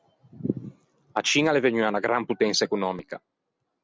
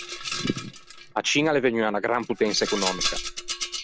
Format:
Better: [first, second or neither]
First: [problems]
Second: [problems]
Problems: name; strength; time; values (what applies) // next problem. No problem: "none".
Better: first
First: none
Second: background sound (Rattle); 7 dB below the speech